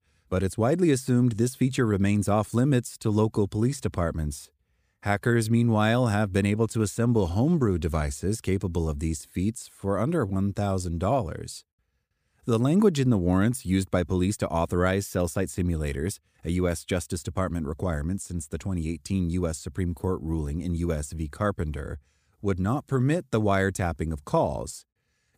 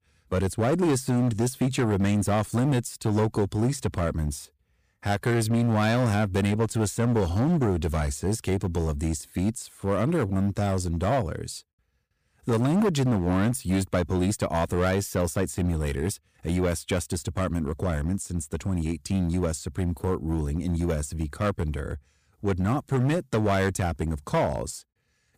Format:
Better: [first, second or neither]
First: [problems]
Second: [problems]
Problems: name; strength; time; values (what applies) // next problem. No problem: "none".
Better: first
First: none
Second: distortion; slight; 10% of the sound clipped